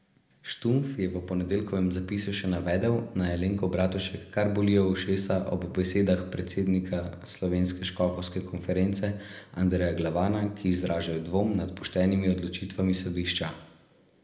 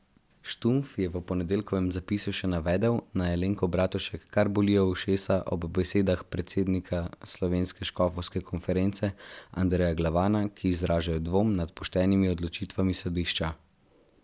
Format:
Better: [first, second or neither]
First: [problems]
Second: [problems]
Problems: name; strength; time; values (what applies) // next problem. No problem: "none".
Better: second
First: room echo; dies away in 0.7 s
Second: none